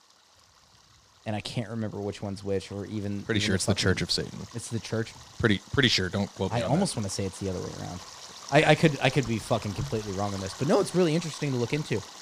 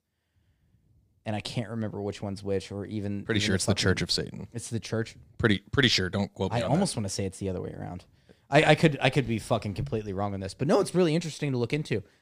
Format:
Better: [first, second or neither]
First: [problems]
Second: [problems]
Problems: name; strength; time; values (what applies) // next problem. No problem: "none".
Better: second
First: rain or running water; noticeable; throughout; 15 dB below the speech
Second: none